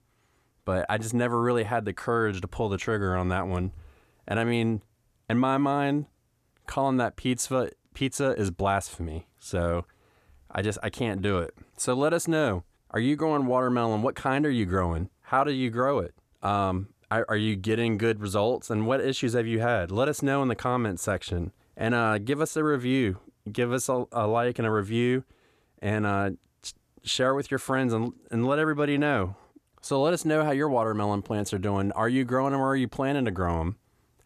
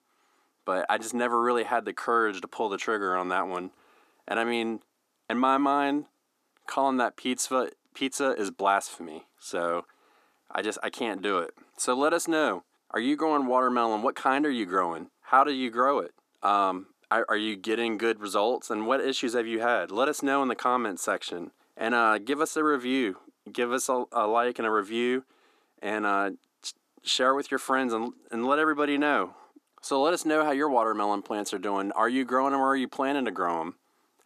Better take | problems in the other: first | thin; very slightly; fading below 250 Hz

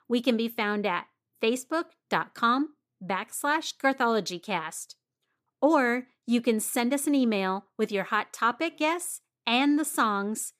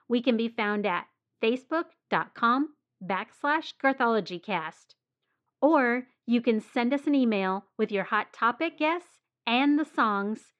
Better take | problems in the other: first | muffled; slightly; fading above 3.5 kHz

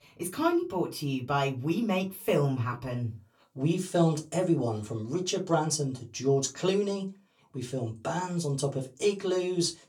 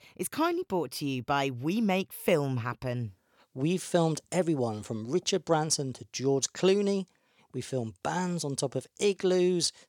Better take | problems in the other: second | off-mic speech; far // room echo; very slight; dies away in 0.2 s

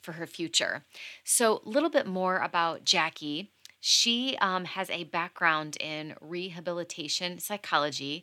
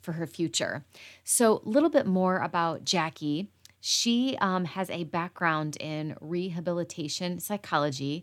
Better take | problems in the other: second | thin; very slightly; fading below 450 Hz

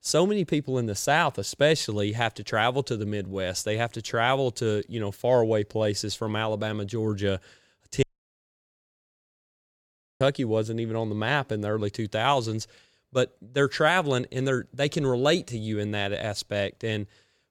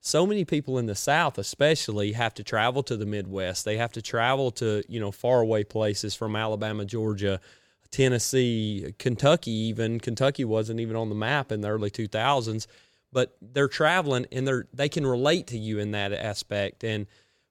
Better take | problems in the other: second | audio cutting out; at 8 s for 2 s

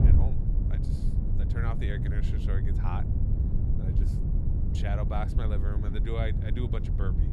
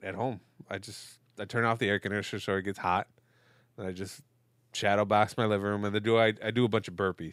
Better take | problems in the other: second | wind noise on the microphone; heavy; 3 dB below the speech

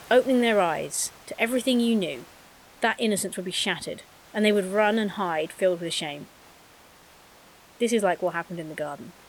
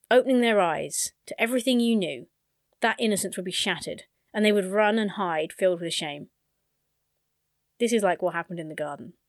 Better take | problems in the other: second | hiss; faint; throughout; 25 dB below the speech

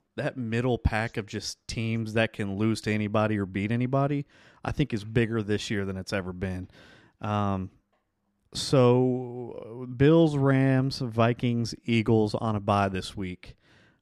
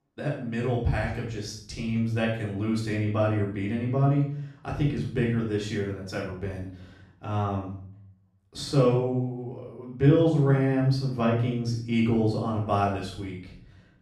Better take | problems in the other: first | off-mic speech; far // room echo; noticeable; dies away in 0.5 s

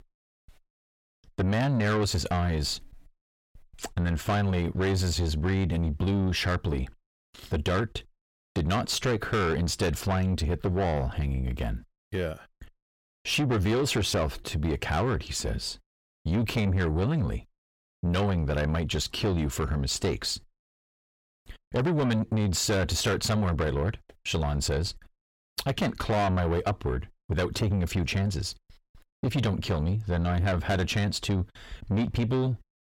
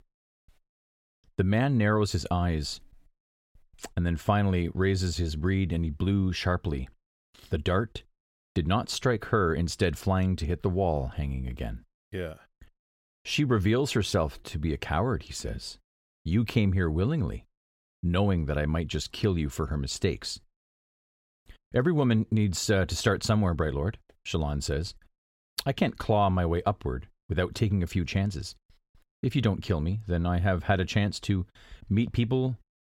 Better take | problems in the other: second | distortion; heavy; 7 dB below the speech

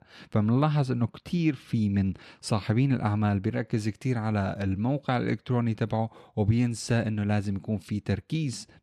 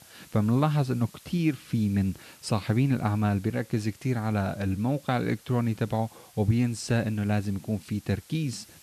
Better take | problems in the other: first | hiss; faint; throughout; 25 dB below the speech

